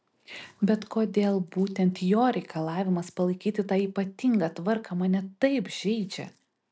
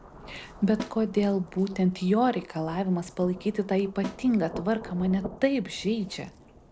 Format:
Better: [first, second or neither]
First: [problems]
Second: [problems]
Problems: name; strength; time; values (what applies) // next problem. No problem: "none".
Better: first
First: none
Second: background sound (Rain / Thunderstorm + Snare drum); 16 dB below the speech